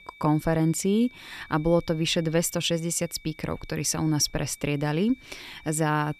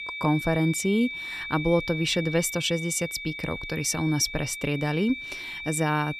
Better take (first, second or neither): first